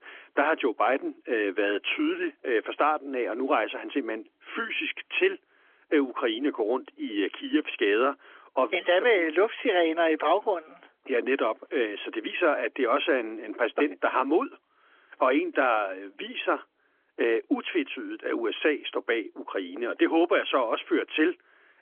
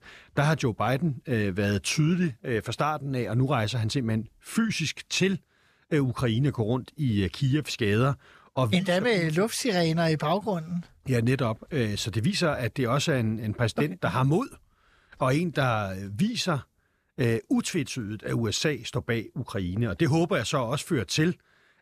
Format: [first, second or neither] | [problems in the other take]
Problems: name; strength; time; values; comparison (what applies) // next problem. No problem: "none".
second | phone-call audio; nothing above 3.5 kHz